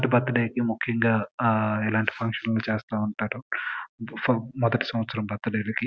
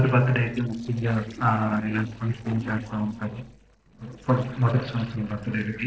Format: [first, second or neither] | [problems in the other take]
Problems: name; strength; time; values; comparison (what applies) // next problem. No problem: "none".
first | noise reduction (neural separator model SepFormer DNS4)